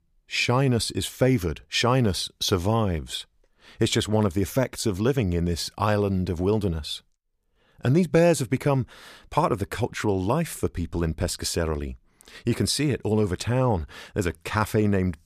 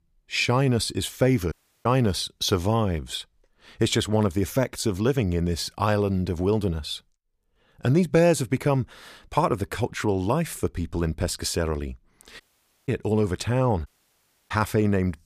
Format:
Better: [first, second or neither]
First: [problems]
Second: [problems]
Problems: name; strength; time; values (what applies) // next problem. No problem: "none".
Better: first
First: none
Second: audio cutting out; at 1.5 s, at 12 s and at 14 s for 0.5 s